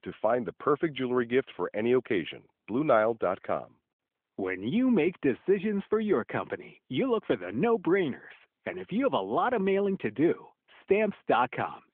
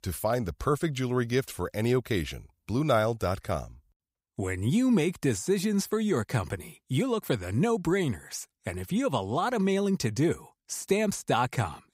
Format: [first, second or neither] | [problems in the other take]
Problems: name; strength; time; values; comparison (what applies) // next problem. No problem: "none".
second | phone-call audio; nothing above 3.5 kHz